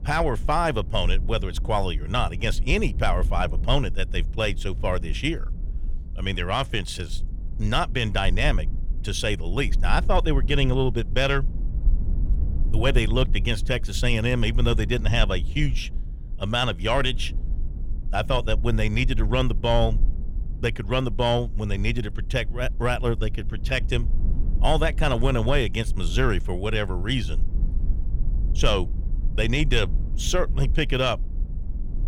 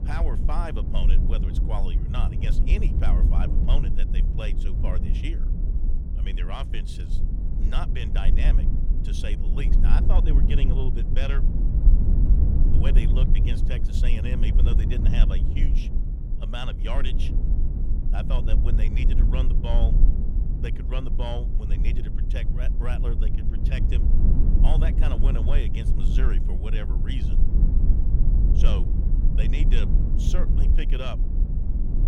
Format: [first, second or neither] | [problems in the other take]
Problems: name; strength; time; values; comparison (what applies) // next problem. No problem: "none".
first | low rumble; loud; throughout; 3 dB below the speech; faint in the first